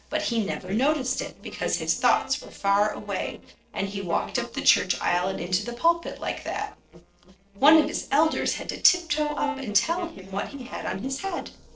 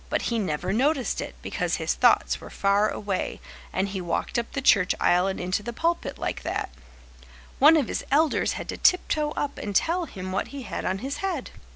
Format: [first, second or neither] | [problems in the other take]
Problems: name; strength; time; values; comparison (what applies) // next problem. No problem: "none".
second | noise reduction (neural separator model SepFormer DNS4)